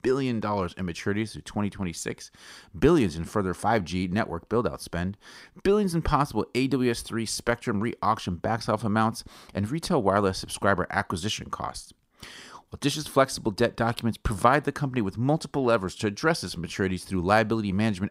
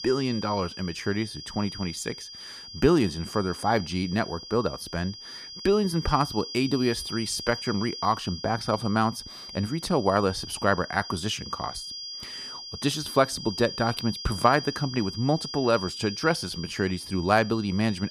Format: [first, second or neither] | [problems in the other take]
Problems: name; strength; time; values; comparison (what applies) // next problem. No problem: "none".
first | high-pitched whine; loud; throughout; 5 kHz, 10 dB below the speech